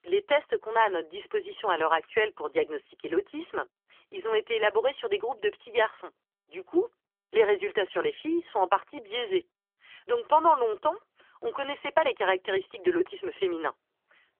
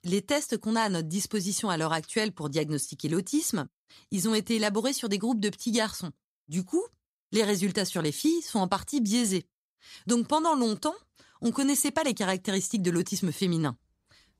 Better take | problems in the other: second | phone-call audio; nothing above 3.5 kHz

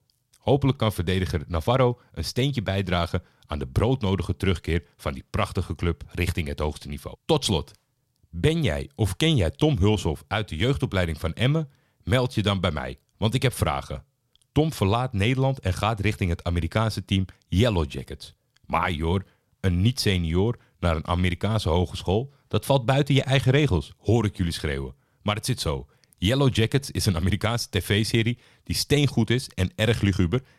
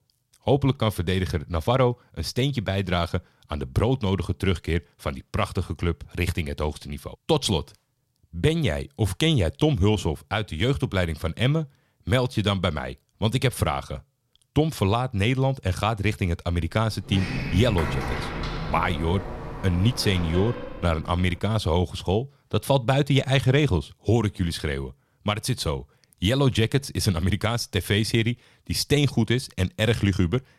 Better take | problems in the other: first | door banging; noticeable; from 17 to 21 s; peak 4 dB below the speech

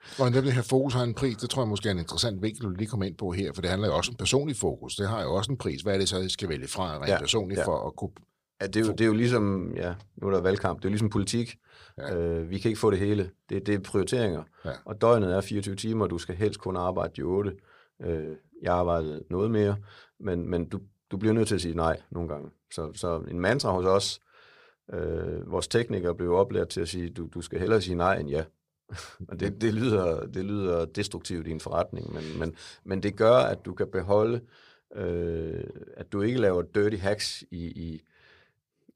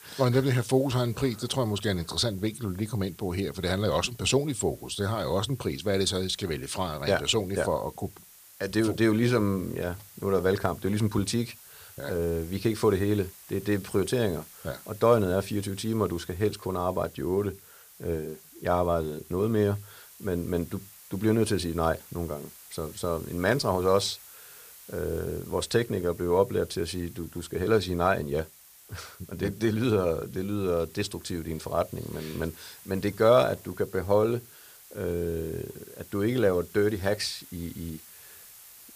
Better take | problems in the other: first | hiss; noticeable; throughout; 20 dB below the speech

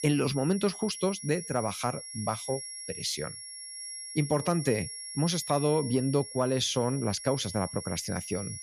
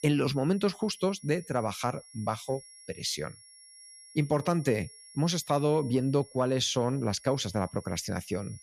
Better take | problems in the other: second | high-pitched whine; loud; throughout; 10.5 kHz, 9 dB below the speech; faint in the second

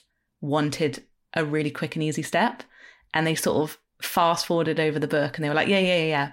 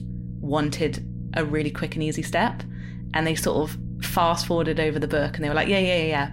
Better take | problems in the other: first | low rumble; noticeable; throughout; 20 dB below the speech

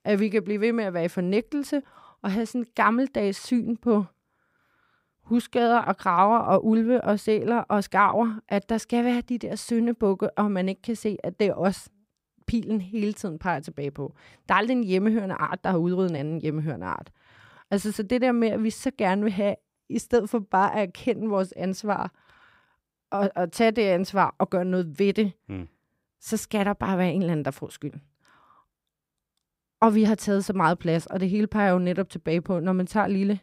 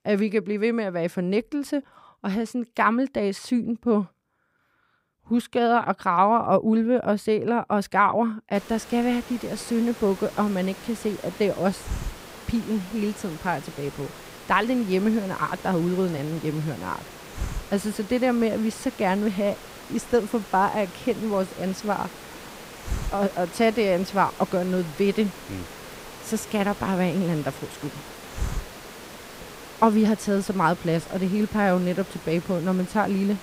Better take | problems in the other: first | hiss; noticeable; from 8.5 s on; 15 dB below the speech

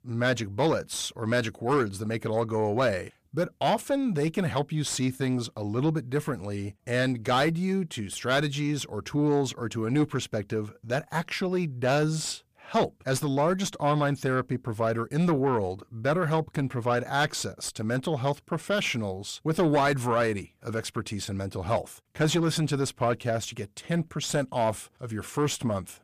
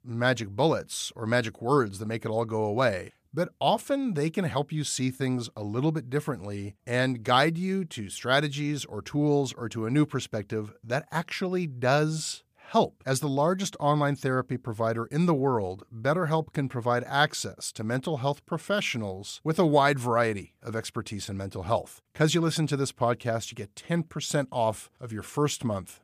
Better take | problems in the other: second | distortion; slight; 10 dB below the speech

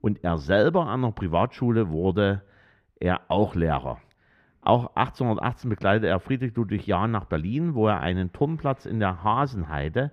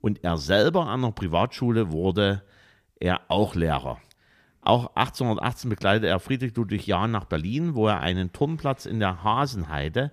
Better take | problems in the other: second | muffled; slightly; fading above 3.5 kHz

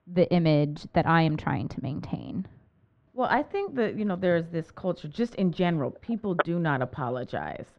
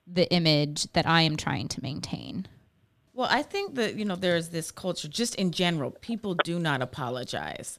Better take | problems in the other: second | muffled; very; fading above 1.5 kHz

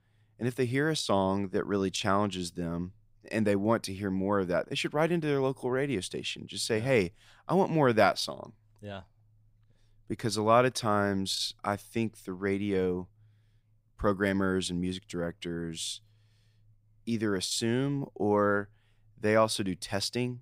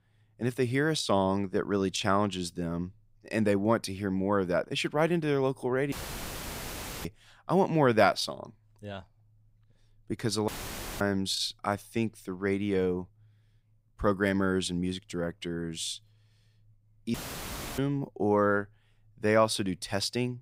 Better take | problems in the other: first | audio cutting out; filled with static; at 6 s for 1 s, at 10 s for 0.5 s and at 17 s for 0.5 s

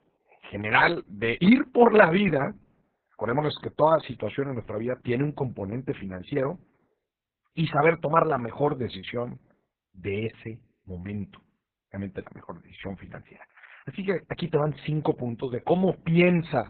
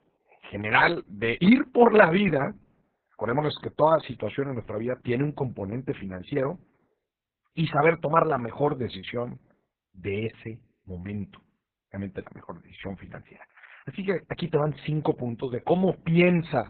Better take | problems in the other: neither | garbled, watery; badly; nothing above 4 kHz; the same in both

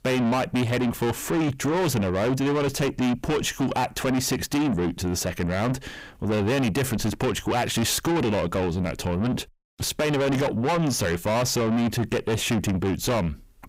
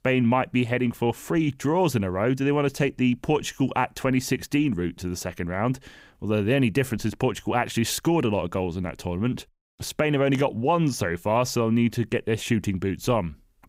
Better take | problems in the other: second | distortion; heavy; 6 dB below the speech

